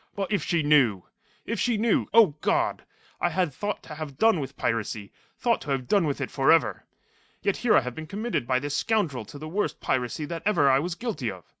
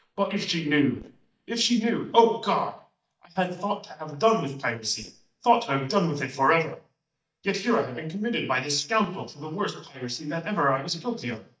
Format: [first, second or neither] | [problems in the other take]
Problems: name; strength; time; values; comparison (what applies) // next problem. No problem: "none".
first | noise reduction (neural mask model DeepFilterNet 3)